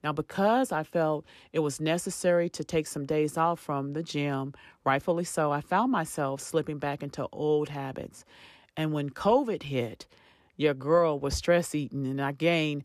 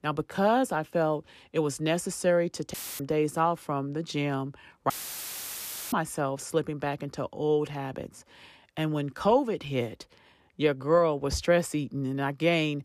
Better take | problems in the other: first | audio cutting out; filled with static; at 2.5 s and at 5 s for 1 s

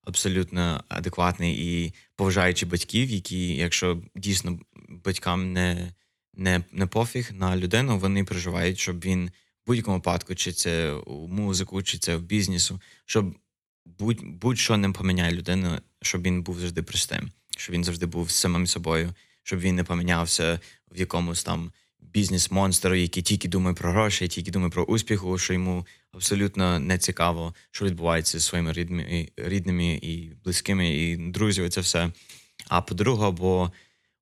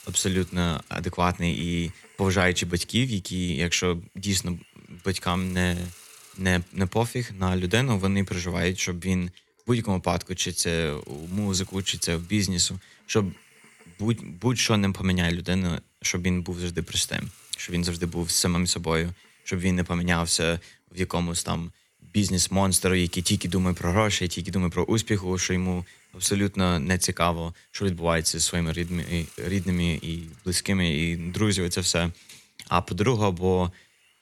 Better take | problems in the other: first | hiss; faint; throughout; 25 dB below the speech

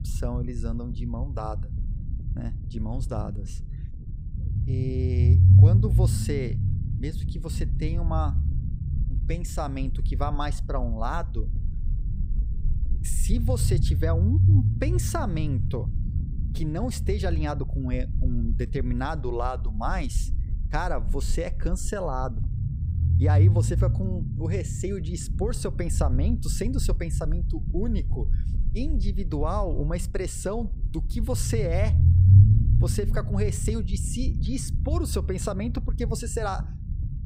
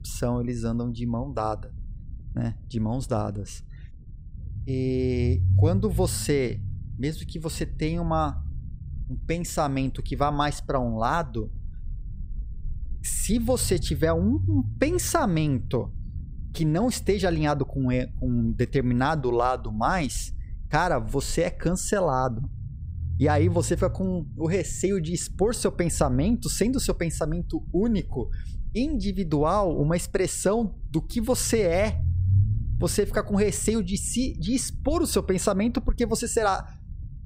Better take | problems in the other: second | low rumble; loud; throughout; 7 dB below the speech; faint in the second

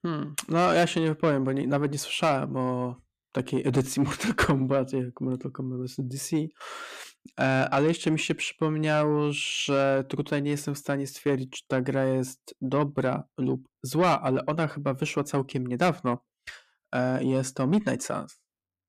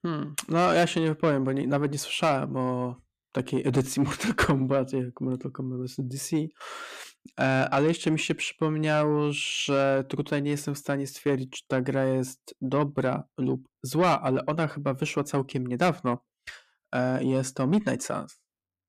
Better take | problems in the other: neither | distortion; slight; 10 dB below the speech; the same in both

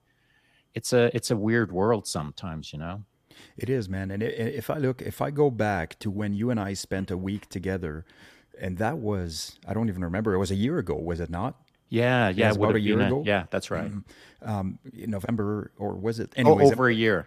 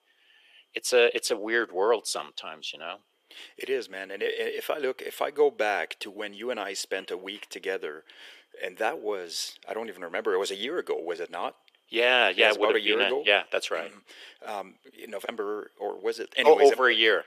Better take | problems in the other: first | thin; very; fading below 400 Hz

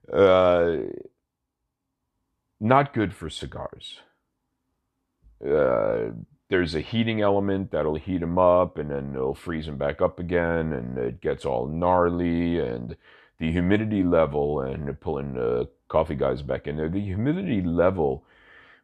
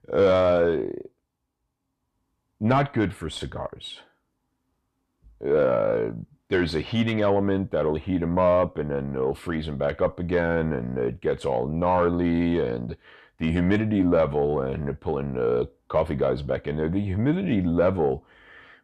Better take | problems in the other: first | distortion; slight; 10 dB below the speech

